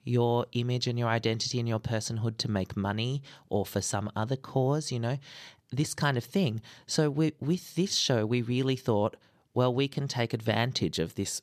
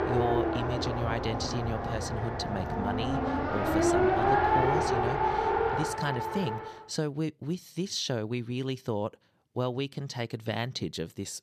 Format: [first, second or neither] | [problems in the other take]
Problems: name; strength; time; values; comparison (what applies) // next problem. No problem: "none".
first | traffic noise; very loud; until 6.5 s; 5 dB above the speech